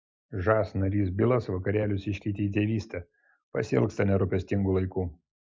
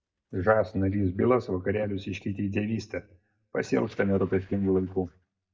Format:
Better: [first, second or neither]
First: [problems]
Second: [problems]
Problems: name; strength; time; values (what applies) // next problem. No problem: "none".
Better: first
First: none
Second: noise reduction (neural mask model DeepFilterNet 3)